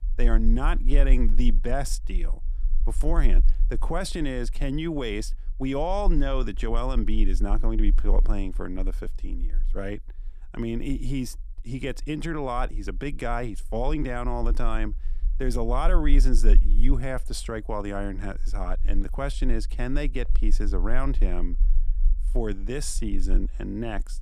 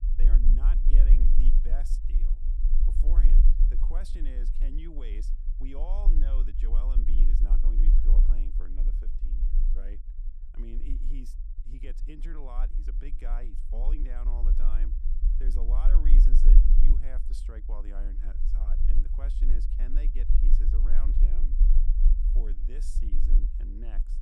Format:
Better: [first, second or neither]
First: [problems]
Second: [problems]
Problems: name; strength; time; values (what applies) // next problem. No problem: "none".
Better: first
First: low rumble; faint; throughout; 25 dB below the speech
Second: low rumble; loud; throughout; 3 dB below the speech